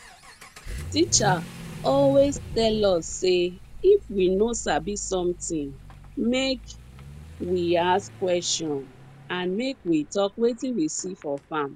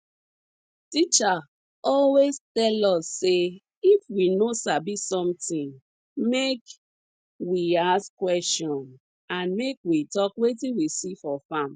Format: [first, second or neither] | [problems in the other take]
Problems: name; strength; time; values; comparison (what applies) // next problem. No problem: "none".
second | background sound (Accelerating, revving, vroom / Vehicle); 14 dB below the speech